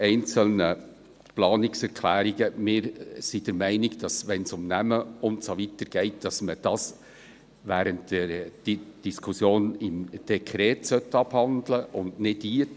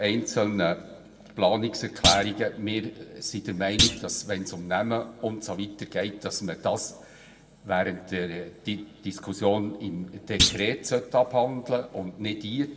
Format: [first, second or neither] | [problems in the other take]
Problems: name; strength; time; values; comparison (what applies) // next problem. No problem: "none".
first | background sound (Thump, thud); as loud as the speech // room echo; dies away in 1 s